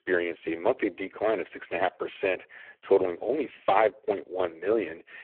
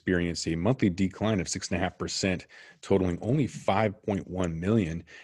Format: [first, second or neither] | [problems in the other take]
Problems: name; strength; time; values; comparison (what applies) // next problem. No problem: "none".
second | phone-call audio; poor line